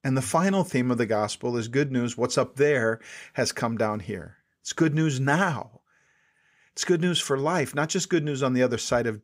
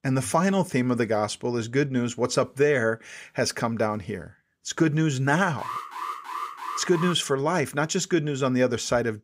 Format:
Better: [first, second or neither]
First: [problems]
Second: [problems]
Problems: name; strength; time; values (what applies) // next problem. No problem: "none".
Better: first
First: none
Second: alarm; noticeable; from 5.5 to 7 s; peak 8 dB below the speech